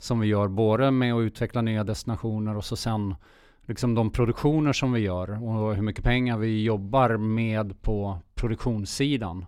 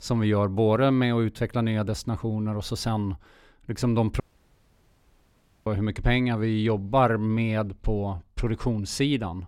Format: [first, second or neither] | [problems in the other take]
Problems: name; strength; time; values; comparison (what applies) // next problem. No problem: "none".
first | audio cutting out; at 4 s for 1.5 s